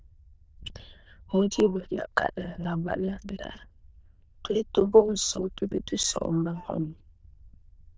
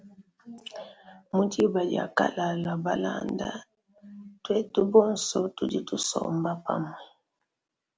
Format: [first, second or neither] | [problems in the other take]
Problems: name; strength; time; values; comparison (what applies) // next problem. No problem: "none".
second | noise reduction (neural diffusion model UNIVERSE++)